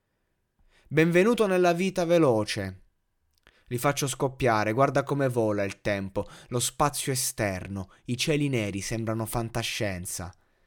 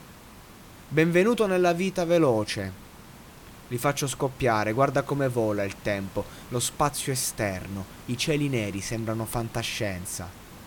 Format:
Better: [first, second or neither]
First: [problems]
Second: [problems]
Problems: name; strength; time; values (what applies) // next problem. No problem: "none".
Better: first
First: none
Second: hiss; noticeable; throughout; 20 dB below the speech